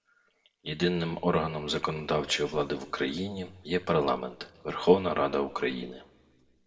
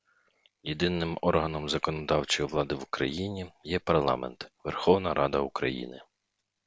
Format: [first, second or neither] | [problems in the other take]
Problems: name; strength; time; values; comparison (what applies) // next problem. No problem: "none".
second | room echo; dies away in 0.8 s